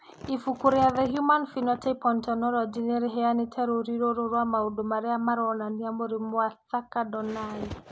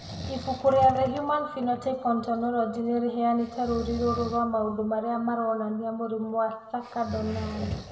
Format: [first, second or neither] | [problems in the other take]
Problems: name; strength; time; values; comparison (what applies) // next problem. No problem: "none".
first | background sound (Breathing); 15 dB below the speech // room echo; dies away in 1.1 s